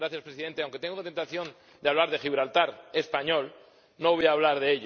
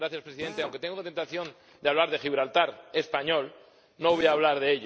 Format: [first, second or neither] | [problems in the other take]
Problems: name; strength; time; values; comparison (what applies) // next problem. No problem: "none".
first | background sound (Drill); 15 dB below the speech